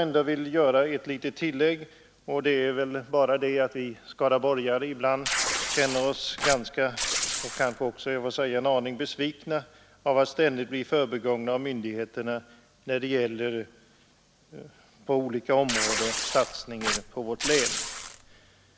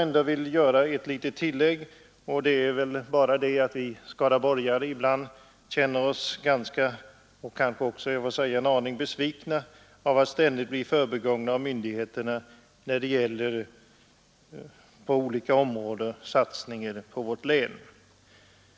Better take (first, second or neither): second